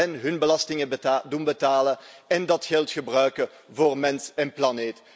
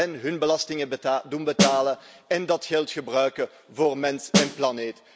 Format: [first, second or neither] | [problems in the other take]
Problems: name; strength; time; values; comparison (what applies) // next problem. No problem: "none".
first | background sound (Snare drum); 1 dB above the speech